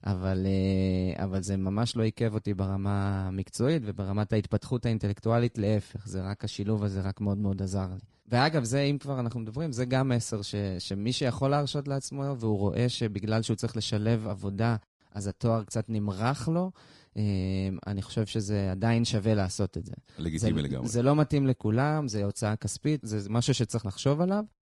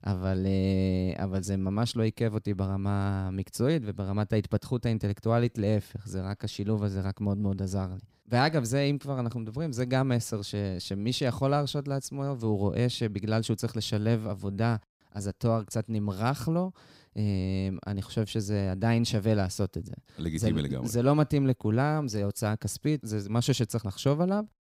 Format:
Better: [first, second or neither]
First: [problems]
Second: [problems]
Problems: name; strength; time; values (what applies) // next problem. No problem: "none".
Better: second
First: garbled, watery; slightly; nothing above 10.5 kHz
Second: none